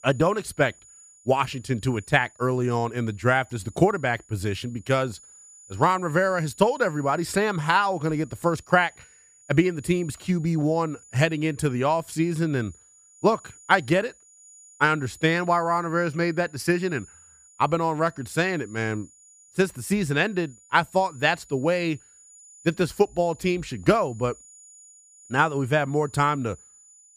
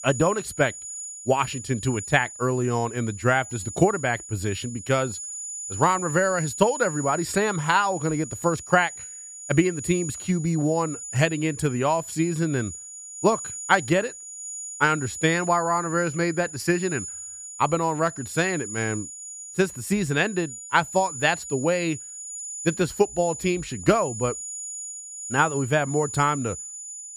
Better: first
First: high-pitched whine; faint; throughout; 7 kHz, 25 dB below the speech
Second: high-pitched whine; loud; throughout; 7 kHz, 10 dB below the speech

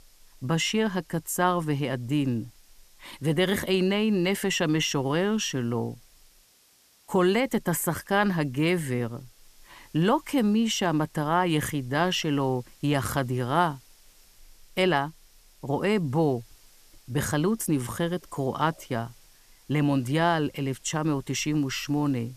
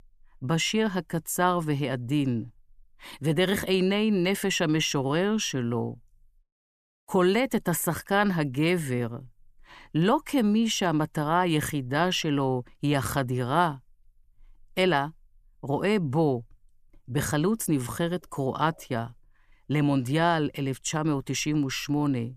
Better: second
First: hiss; faint; throughout; 30 dB below the speech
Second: none

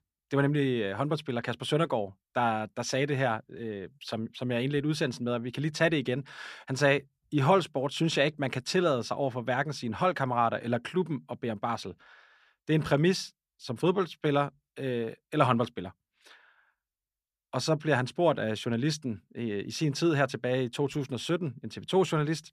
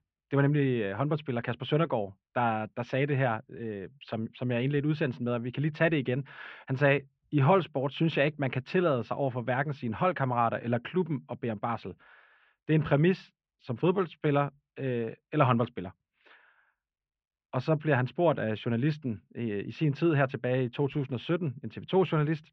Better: first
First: none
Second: muffled; very; fading above 3 kHz

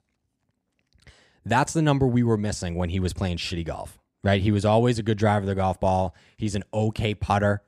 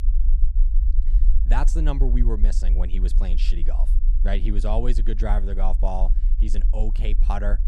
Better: first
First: none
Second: low rumble; noticeable; throughout; 15 dB below the speech

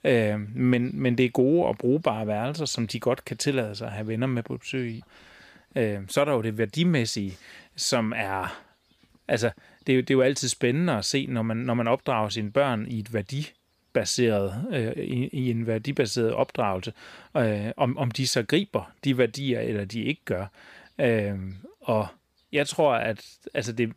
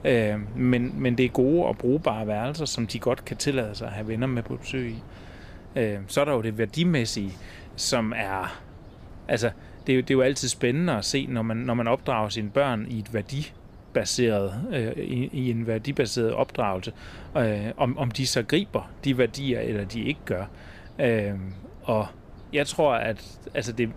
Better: first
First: none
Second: wind noise on the microphone; occasional gusts; 25 dB below the speech

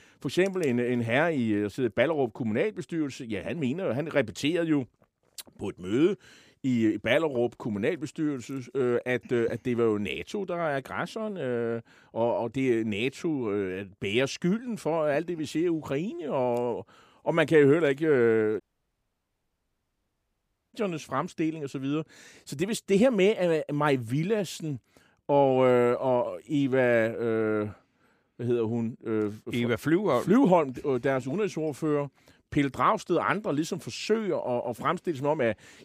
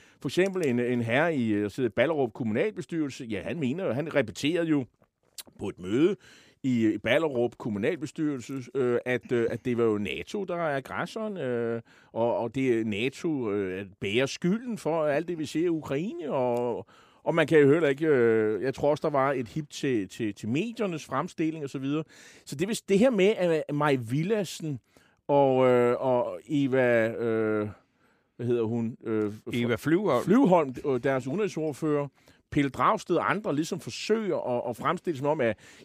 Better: second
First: audio cutting out; at 19 s for 2 s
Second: none

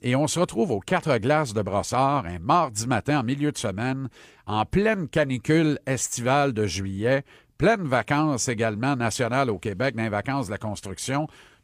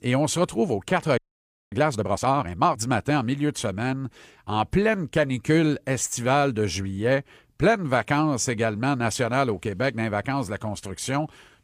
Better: first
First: none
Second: audio freezing; at 1 s for 0.5 s

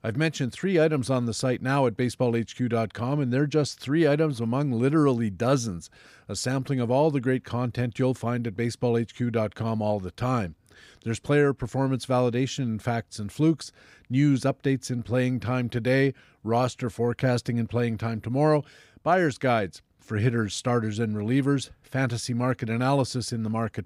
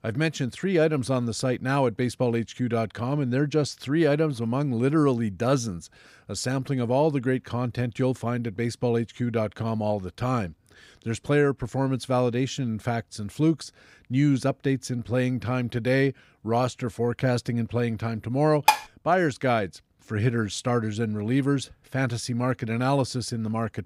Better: first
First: none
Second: clattering dishes; loud; at 19 s; peak 3 dB above the speech

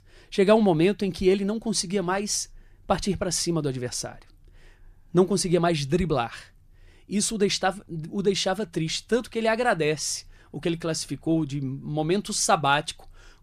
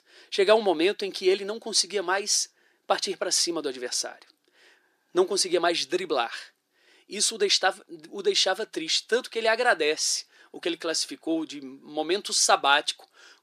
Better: first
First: none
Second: thin; very; fading below 300 Hz

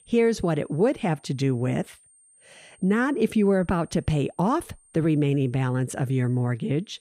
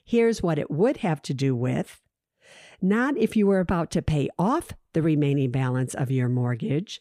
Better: second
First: high-pitched whine; faint; throughout; 8.5 kHz, 30 dB below the speech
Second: none

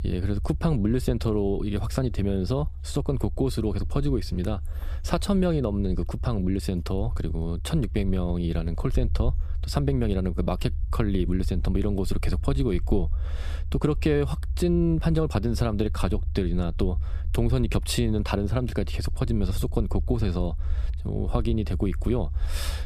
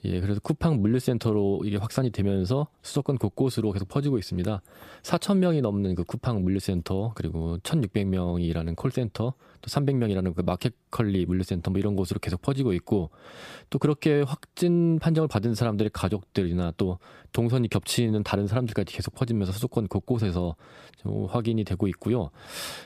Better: second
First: low rumble; faint; throughout; 20 dB below the speech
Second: none

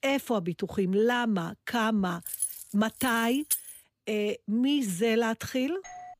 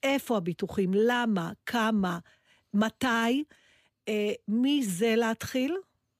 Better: second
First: jangling keys; noticeable; from 2.5 to 3.5 s; peak 2 dB below the speech // doorbell; faint; at 6 s; peak 15 dB below the speech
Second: none

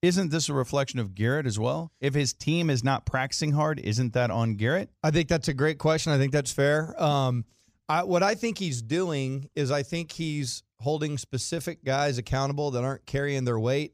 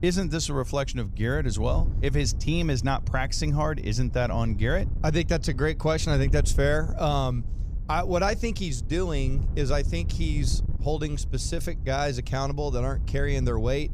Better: first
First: none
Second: wind noise on the microphone; occasional gusts; 20 dB below the speech

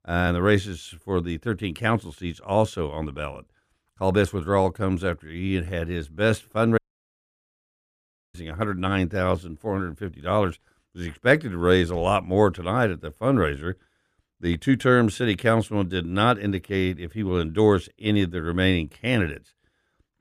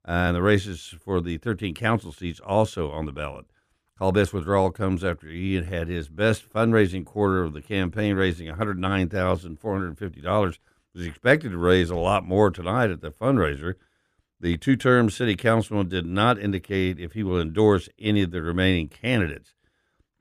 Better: second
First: audio cutting out; at 7 s for 1.5 s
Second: none

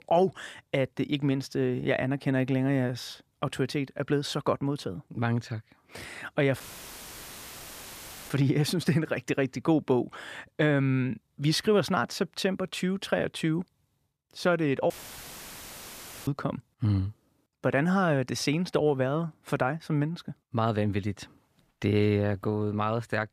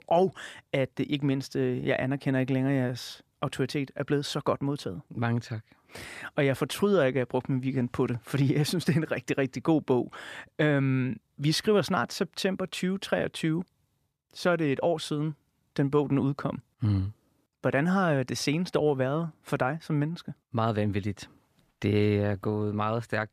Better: second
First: audio cutting out; filled with static; at 6.5 s for 1.5 s and at 15 s for 1.5 s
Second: none

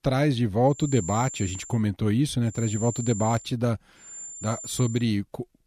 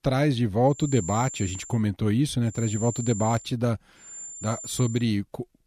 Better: neither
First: high-pitched whine; noticeable; at 1 s, at 2.5 s and at 4 s; 7.5 kHz, 10 dB below the speech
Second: high-pitched whine; noticeable; at 1 s, at 2.5 s and at 4 s; 7.5 kHz, 10 dB below the speech

